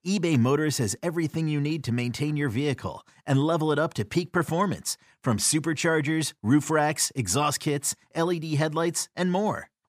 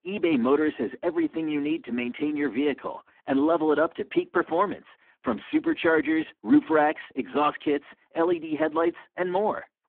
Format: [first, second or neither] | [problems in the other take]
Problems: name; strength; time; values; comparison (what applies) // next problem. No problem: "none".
first | phone-call audio; poor line